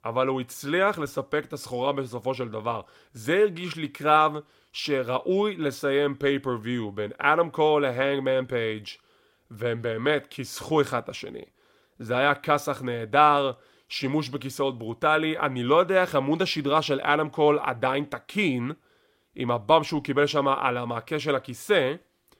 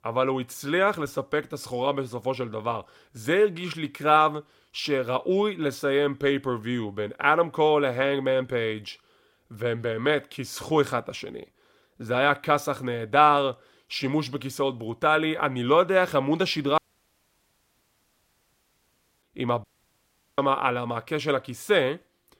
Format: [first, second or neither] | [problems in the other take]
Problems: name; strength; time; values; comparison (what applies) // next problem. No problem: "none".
first | audio cutting out; at 17 s for 2.5 s and at 20 s for 0.5 s